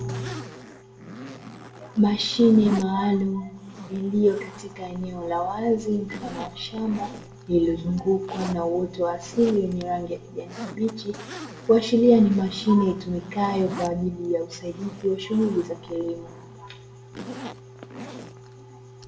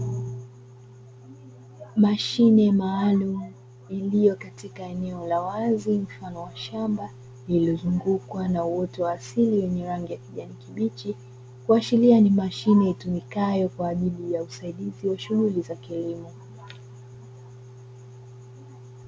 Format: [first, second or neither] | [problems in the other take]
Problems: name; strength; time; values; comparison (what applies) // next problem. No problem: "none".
second | background sound (Zipper (clothing)); 16 dB below the speech // room echo; dies away in 0.5 s